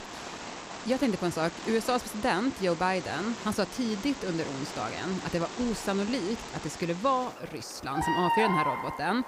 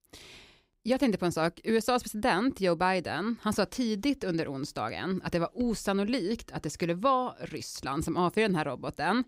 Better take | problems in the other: second | animal sounds; loud; throughout; 6 dB below the speech

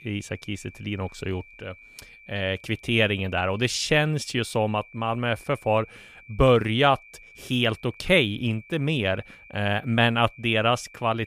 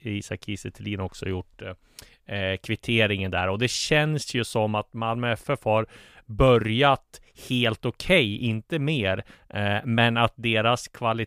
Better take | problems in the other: second | high-pitched whine; faint; throughout; 2.5 kHz, 25 dB below the speech

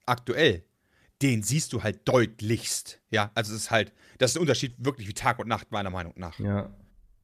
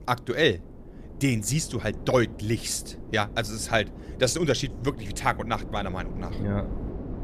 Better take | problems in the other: first | wind noise on the microphone; occasional gusts; 20 dB below the speech

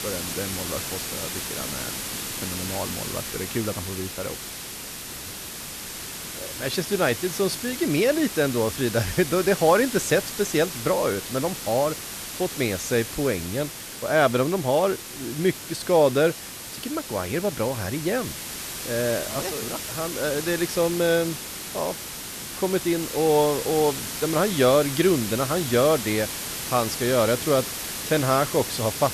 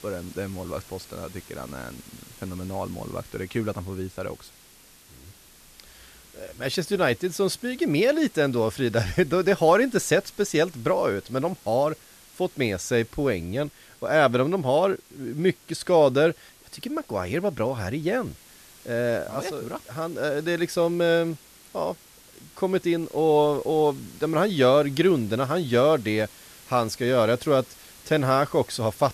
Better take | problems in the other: second | hiss; loud; throughout; 7 dB below the speech; faint in the second

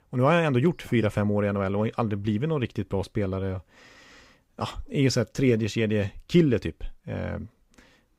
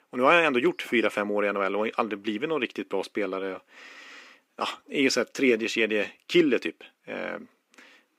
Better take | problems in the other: first | thin; somewhat; fading below 300 Hz

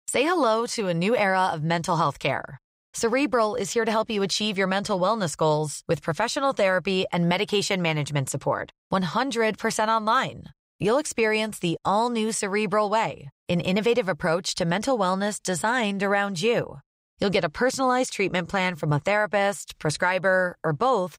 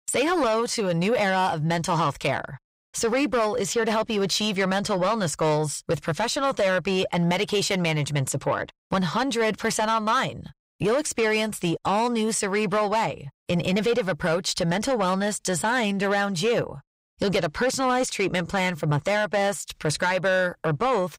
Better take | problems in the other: first | distortion; slight; 10 dB below the speech

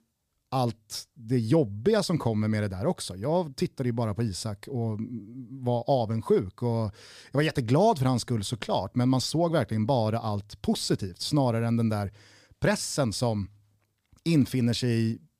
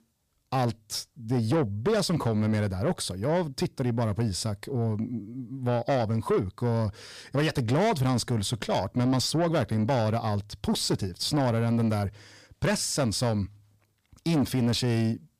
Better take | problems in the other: first | distortion; slight; 10 dB below the speech

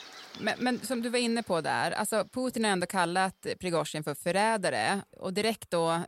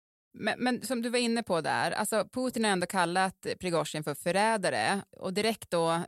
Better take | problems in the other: second | animal sounds; faint; throughout; 20 dB below the speech

